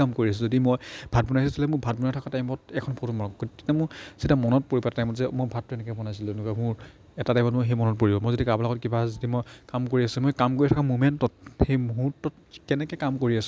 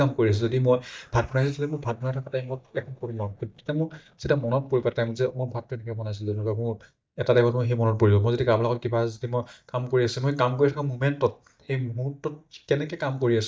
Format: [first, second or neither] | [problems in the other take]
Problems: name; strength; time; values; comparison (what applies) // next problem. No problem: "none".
first | noise reduction (neural mask model DeepFilterNet 3)